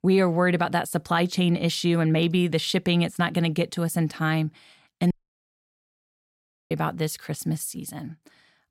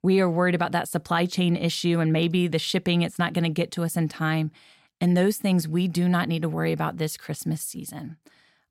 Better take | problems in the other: second | audio cutting out; at 5 s for 1.5 s

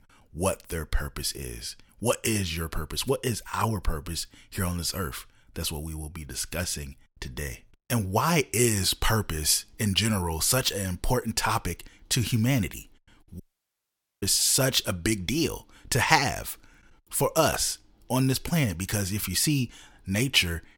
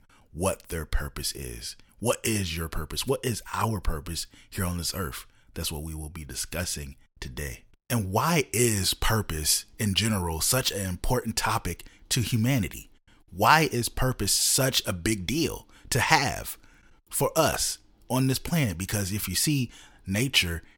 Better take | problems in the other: second | audio cutting out; at 13 s for 1 s

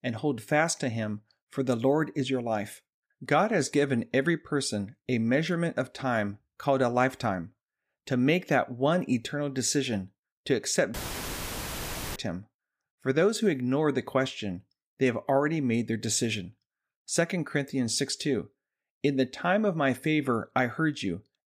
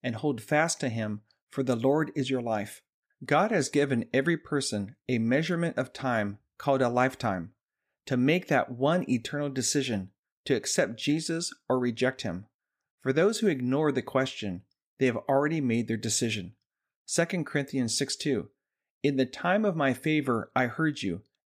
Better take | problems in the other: second | audio cutting out; filled with static; at 11 s for 1 s

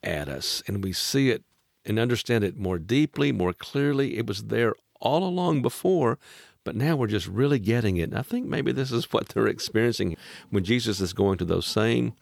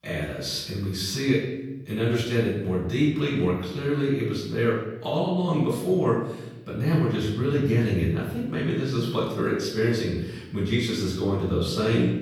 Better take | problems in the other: first | off-mic speech; far // room echo; noticeable; dies away in 0.9 s

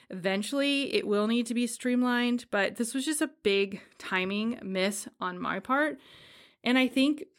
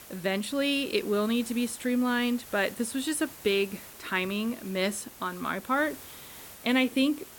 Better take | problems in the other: first | hiss; noticeable; throughout; 15 dB below the speech

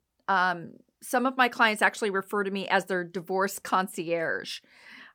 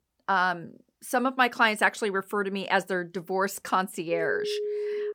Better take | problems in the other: first | phone ringing; noticeable; from 4 s on; peak 4 dB below the speech

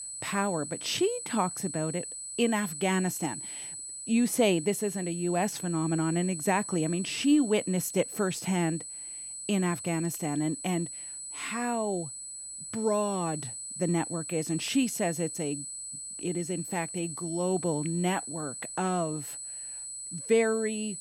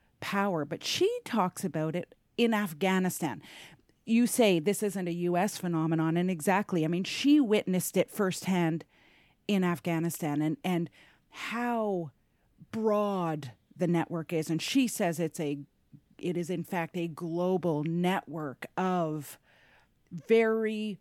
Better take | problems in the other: second | high-pitched whine; loud; throughout; 8 kHz, 7 dB below the speech

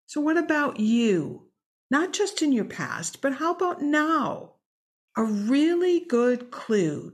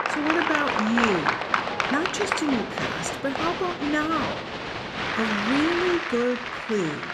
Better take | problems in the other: first | crowd noise; very loud; throughout; as loud as the speech

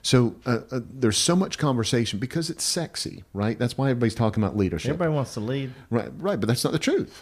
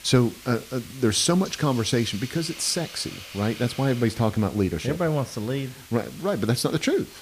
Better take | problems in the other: first | hiss; noticeable; throughout; 15 dB below the speech

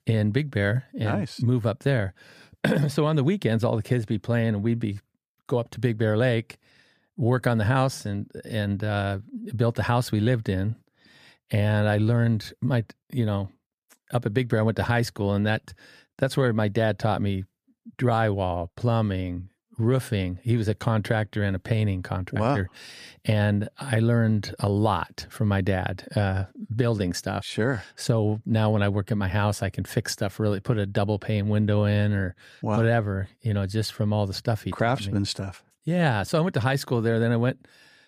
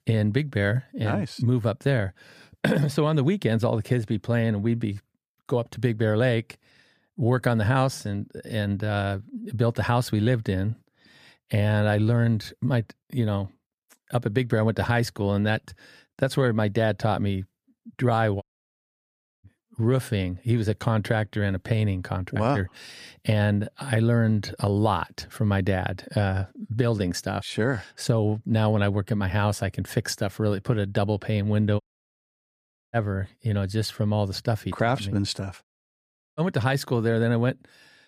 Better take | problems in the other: first | audio cutting out; at 18 s for 1 s, at 32 s for 1 s and at 36 s for 0.5 s

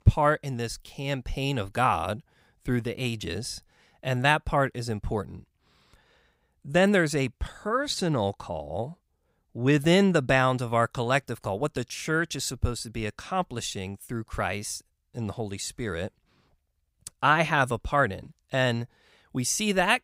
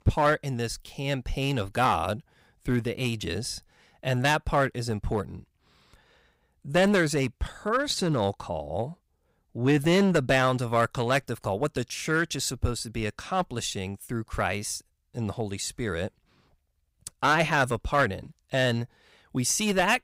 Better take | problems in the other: first | distortion; slight; 3% of the sound clipped

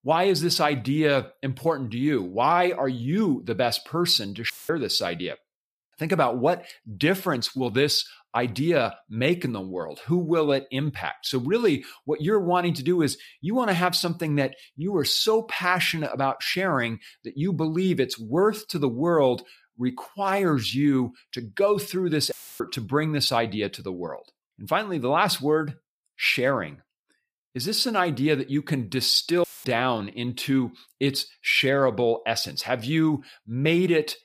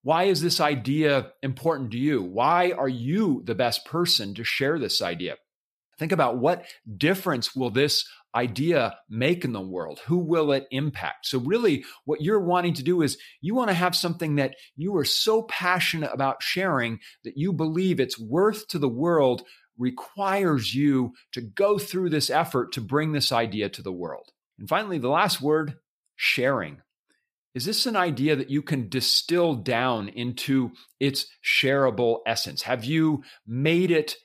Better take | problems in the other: second | audio cutting out; filled with static; at 4.5 s, at 22 s and at 29 s

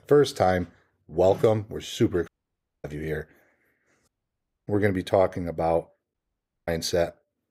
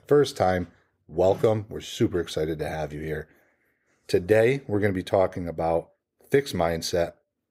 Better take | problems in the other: second | audio cutting out; at 2.5 s for 0.5 s, at 4 s for 0.5 s and at 6 s for 0.5 s

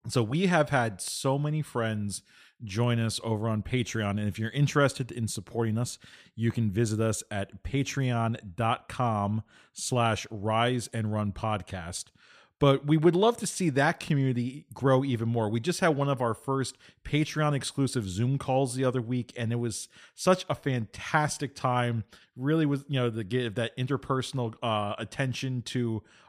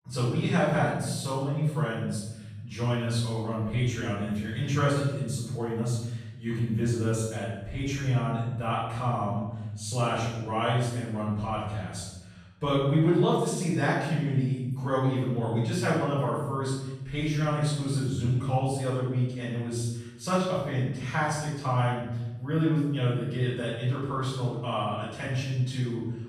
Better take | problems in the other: first | off-mic speech; far // room echo; strong; dies away in 1 s

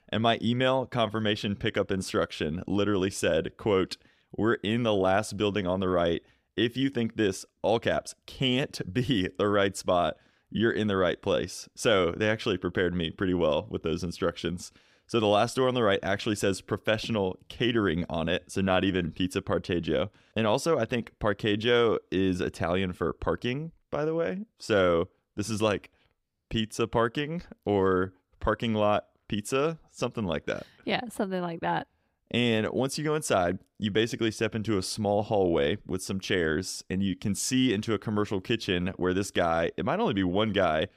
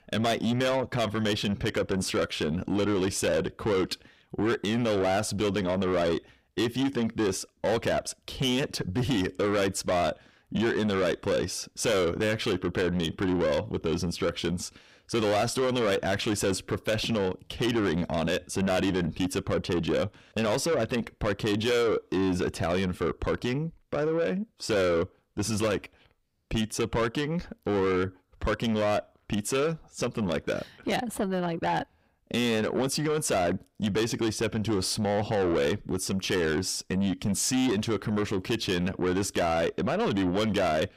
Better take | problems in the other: first | distortion; heavy; 7 dB below the speech

